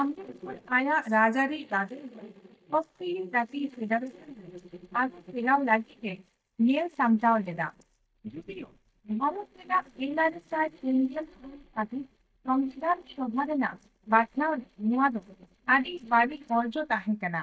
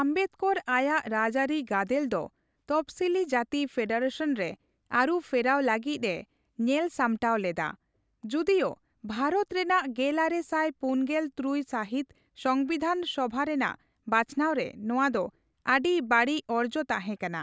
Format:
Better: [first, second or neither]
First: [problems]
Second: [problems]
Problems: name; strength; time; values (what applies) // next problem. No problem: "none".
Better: second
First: noise reduction (neural mask model DeepFilterNet 3)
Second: none